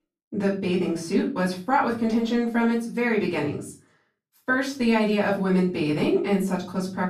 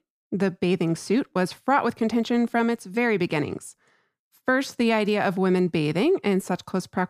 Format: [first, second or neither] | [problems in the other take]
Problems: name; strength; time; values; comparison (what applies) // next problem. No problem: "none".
second | off-mic speech; far // room echo; slight; dies away in 0.3 s